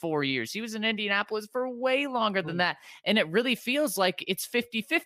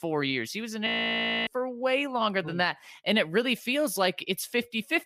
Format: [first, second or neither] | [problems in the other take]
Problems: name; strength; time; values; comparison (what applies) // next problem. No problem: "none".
first | audio freezing; at 1 s for 0.5 s